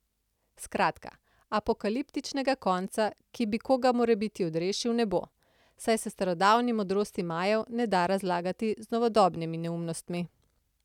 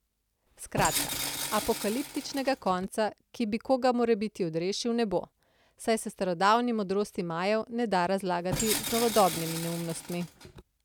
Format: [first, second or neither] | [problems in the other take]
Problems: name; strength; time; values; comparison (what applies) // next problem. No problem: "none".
first | background sound (Tools); 6 dB below the speech